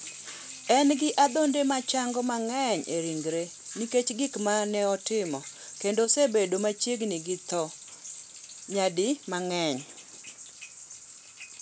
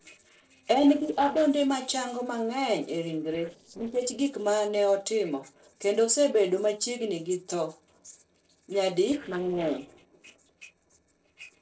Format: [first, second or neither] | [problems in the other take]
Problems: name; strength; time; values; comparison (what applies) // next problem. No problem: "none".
first | noise reduction (neural separator model SepFormer DNS4)